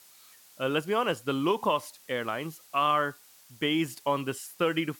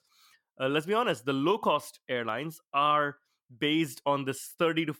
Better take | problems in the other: second | hiss; faint; throughout; 25 dB below the speech

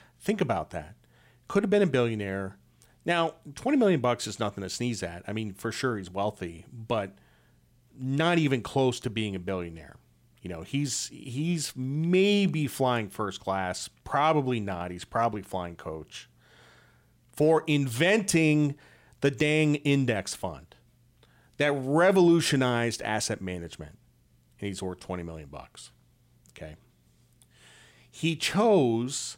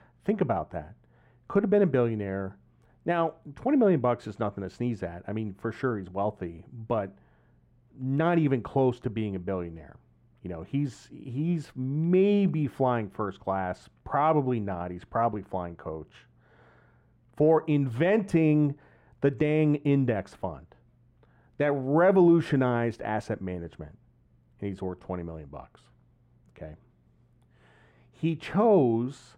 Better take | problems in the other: first | muffled; very; fading above 2.5 kHz

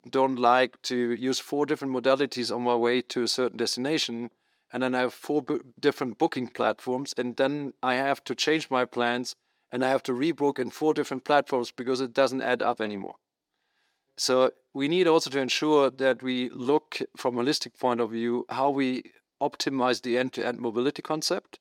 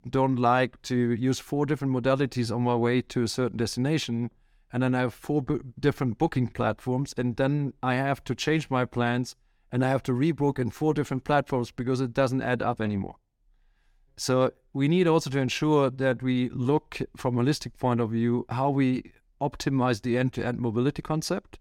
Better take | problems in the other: second | thin; very slightly; fading below 350 Hz

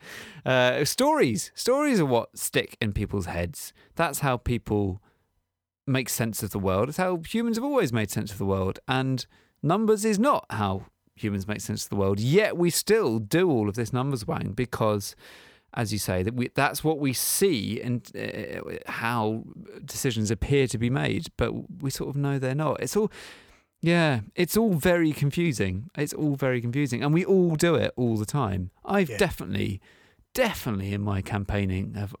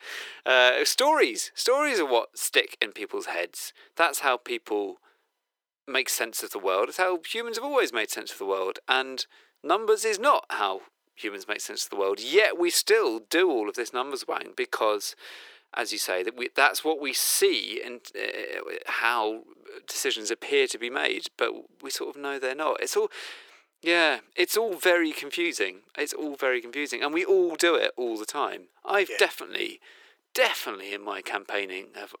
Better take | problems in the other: first | thin; very; fading below 350 Hz

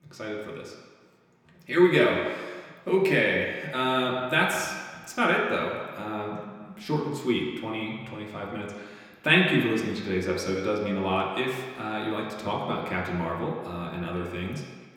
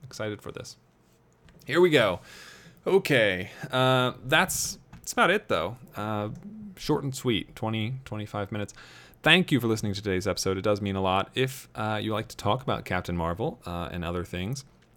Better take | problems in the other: second | room echo; noticeable; dies away in 1.5 s // off-mic speech; somewhat distant

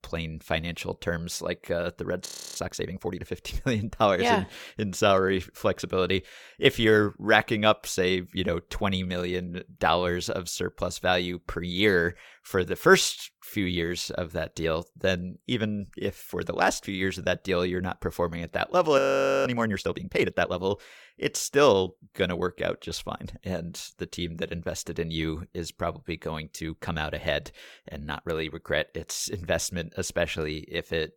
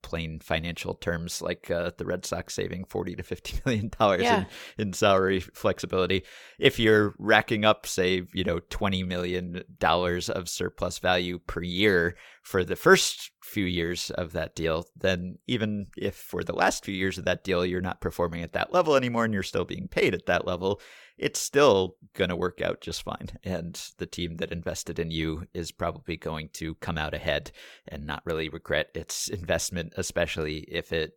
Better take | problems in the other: second | audio freezing; at 2.5 s and at 19 s

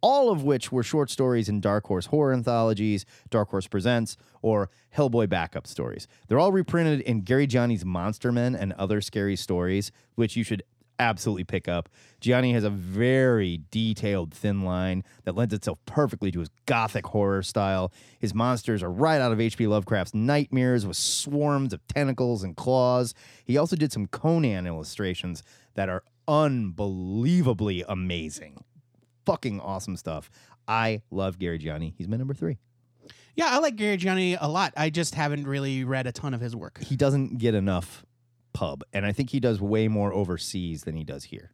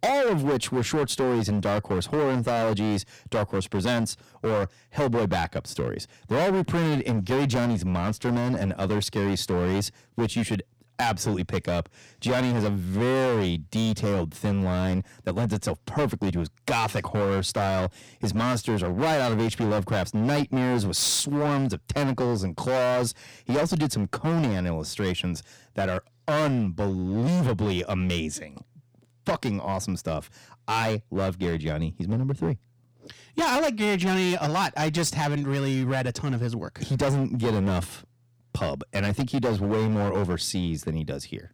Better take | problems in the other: first | distortion; heavy; 17% of the sound clipped

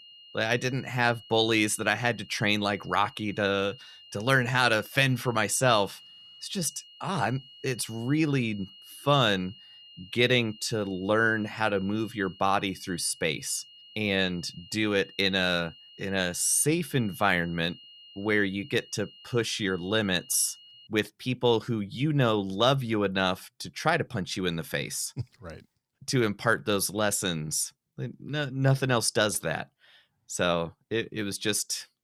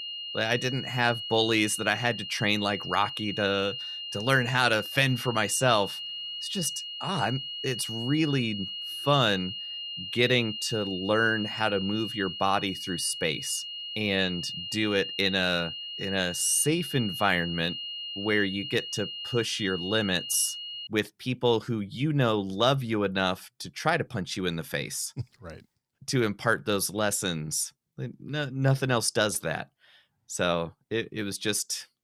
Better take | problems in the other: first | high-pitched whine; loud; until 21 s; 3 kHz, 7 dB below the speech; faint in the first

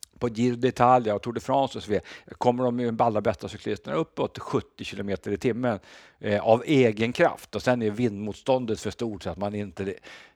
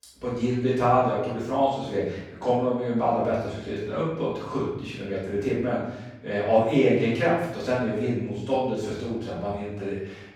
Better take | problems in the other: first | off-mic speech; far // room echo; strong; dies away in 0.9 s

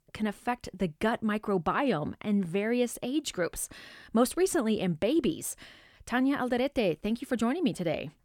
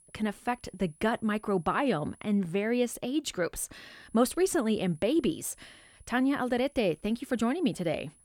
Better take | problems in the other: first | high-pitched whine; faint; until 2.5 s and from 4 s on; 10 kHz, 30 dB below the speech

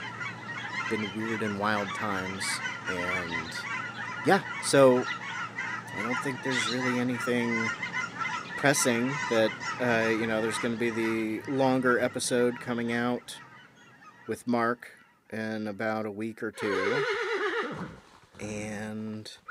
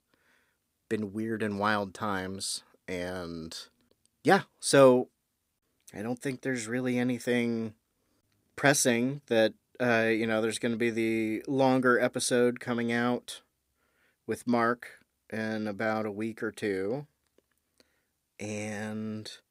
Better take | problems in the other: second | animal sounds; loud; throughout; 4 dB below the speech

